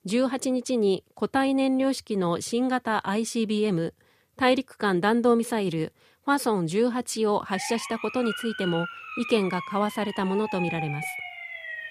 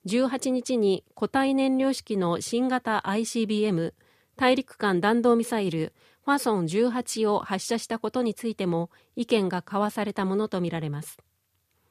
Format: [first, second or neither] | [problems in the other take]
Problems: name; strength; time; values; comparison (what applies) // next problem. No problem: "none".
second | siren; noticeable; from 7.5 s on; peak 6 dB below the speech